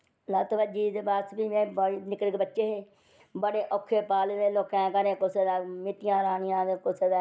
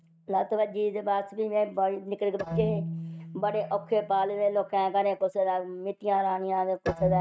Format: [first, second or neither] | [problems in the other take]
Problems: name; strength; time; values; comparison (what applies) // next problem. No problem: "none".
first | noise reduction (neural mask model RNNoise)